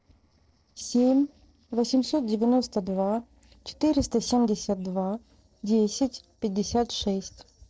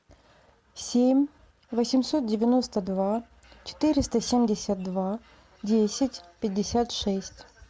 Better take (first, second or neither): second